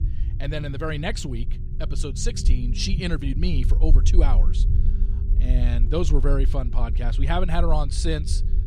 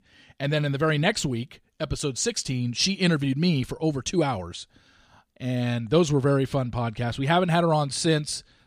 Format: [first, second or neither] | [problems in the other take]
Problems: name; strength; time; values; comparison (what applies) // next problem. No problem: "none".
second | low rumble; noticeable; throughout; 15 dB below the speech